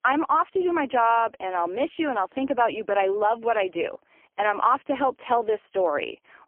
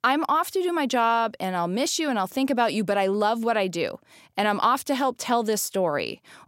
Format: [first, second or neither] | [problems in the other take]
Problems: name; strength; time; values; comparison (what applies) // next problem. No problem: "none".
second | phone-call audio; poor line; nothing above 3 kHz